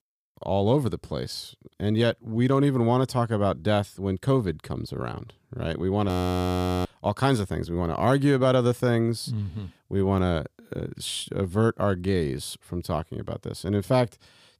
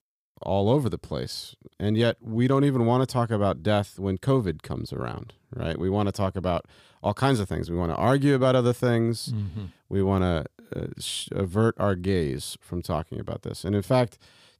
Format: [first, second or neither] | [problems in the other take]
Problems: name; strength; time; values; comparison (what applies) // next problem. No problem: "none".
second | audio freezing; at 6 s for 1 s